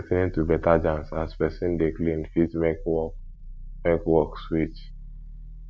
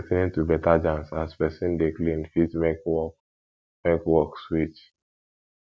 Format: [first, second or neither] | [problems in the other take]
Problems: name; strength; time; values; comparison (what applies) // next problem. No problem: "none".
second | background sound (Growling); 13 dB below the speech